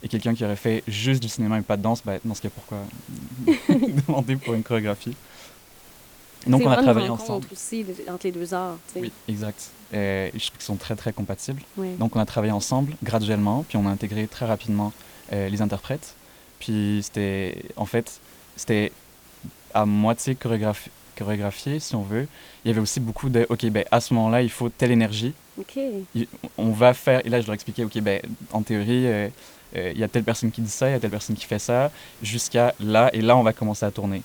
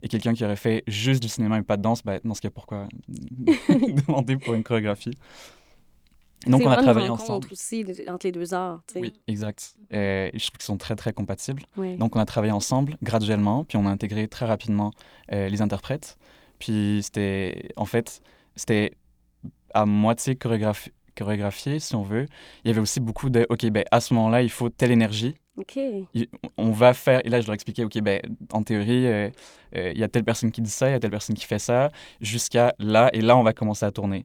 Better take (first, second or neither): second